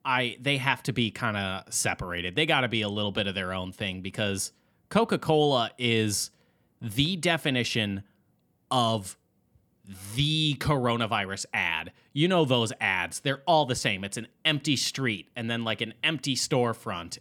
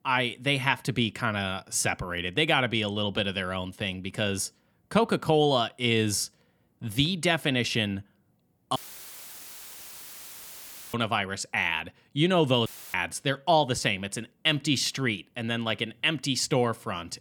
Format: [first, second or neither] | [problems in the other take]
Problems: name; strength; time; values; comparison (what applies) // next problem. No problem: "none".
first | audio cutting out; filled with static; at 9 s for 2 s and at 13 s